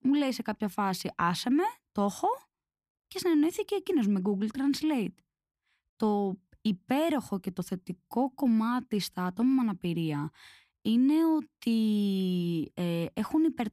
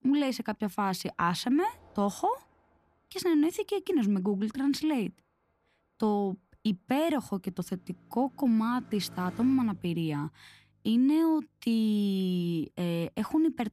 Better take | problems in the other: first | traffic noise; faint; throughout; 25 dB below the speech

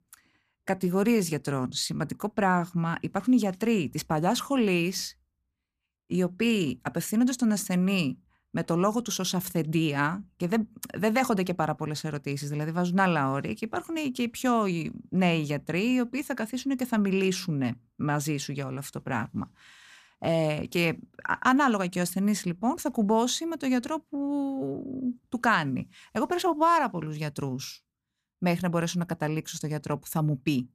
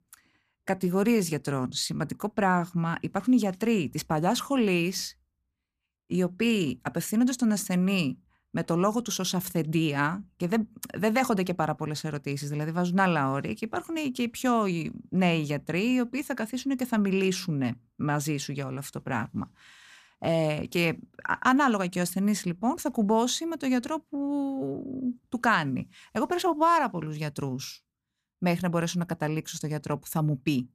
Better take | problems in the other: neither | none

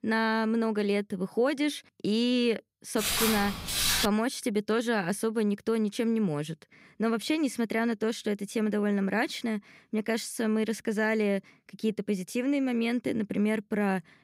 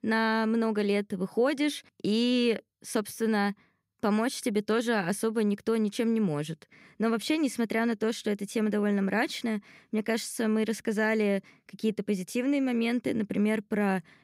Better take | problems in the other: second | footsteps; loud; from 3 to 4 s; peak 4 dB above the speech

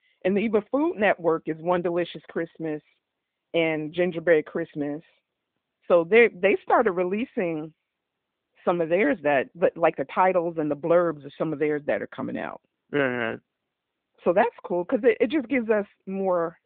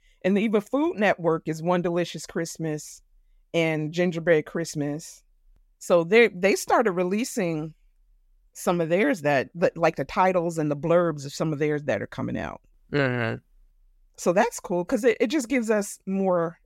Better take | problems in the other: second | phone-call audio

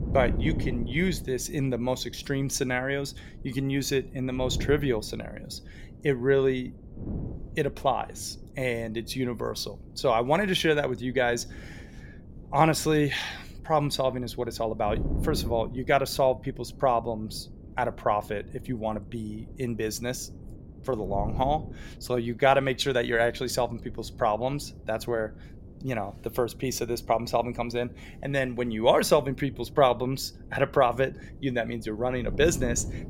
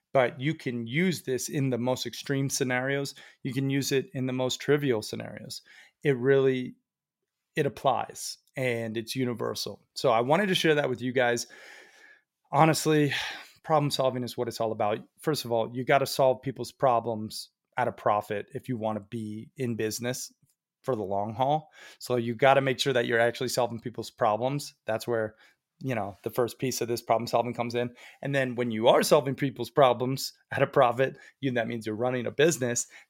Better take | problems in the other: second | wind noise on the microphone; occasional gusts; 20 dB below the speech

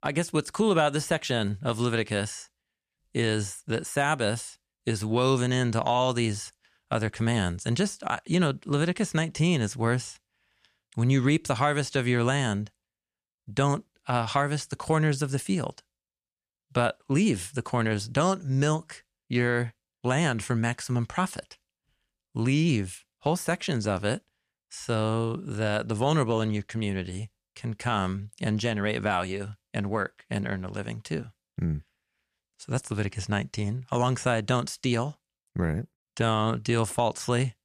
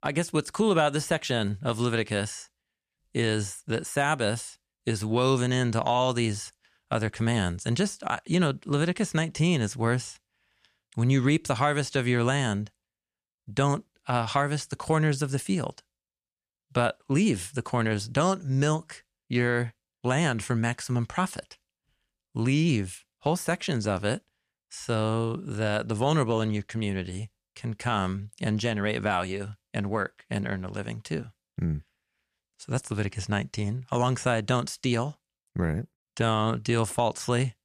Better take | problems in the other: neither | none

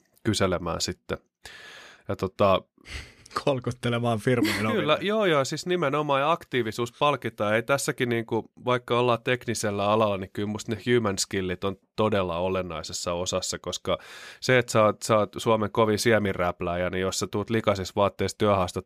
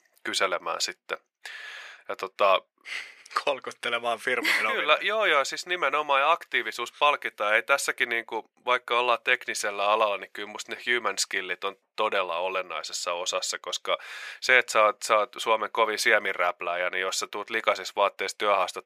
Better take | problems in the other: first | thin; very; fading below 650 Hz

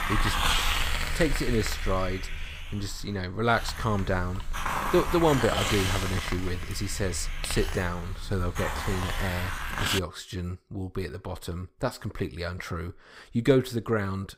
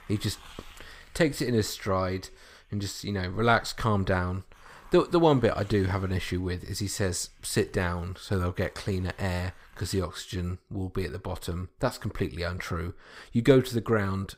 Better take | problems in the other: second | hiss; loud; until 10 s; 2 dB below the speech; faint in the second

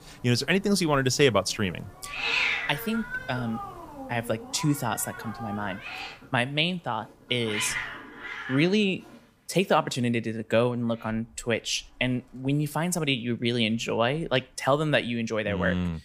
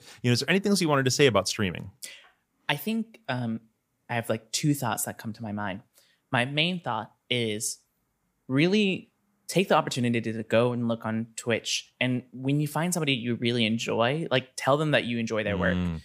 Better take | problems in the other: second | animal sounds; loud; throughout; 6 dB below the speech

